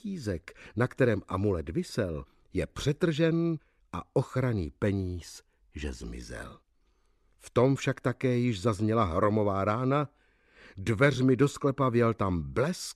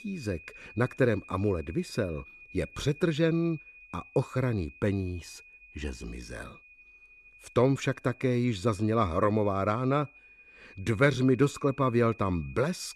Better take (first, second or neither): first